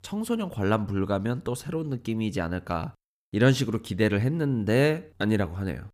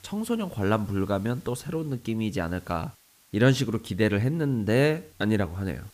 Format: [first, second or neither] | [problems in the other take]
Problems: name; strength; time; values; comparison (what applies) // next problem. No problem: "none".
first | hiss; faint; throughout; 30 dB below the speech